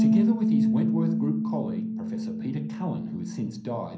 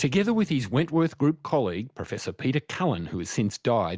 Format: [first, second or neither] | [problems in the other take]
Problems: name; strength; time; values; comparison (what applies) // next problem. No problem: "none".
second | background sound (Bass guitar); 4 dB above the speech // room echo; dies away in 0.6 s